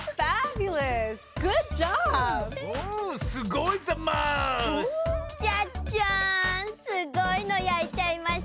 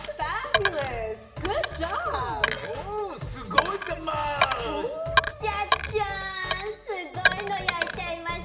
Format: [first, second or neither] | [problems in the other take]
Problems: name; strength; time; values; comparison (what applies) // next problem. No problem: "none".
first | background sound (Coin (dropping)); as loud as the speech // room echo; dies away in 1.1 s